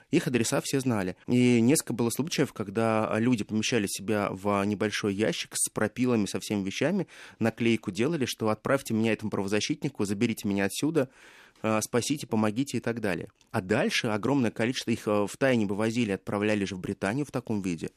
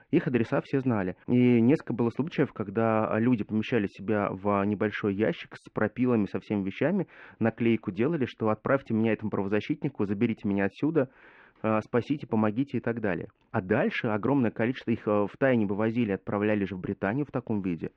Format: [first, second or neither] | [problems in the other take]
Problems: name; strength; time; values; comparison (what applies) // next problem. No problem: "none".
first | muffled; very; fading above 2 kHz